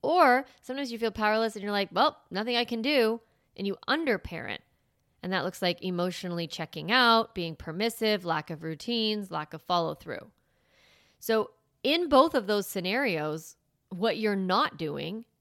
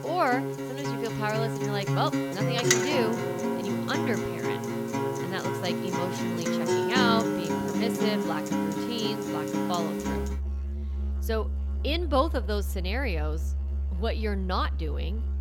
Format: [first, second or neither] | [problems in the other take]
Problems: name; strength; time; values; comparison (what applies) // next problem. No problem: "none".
first | background music; very loud; throughout; 2 dB above the speech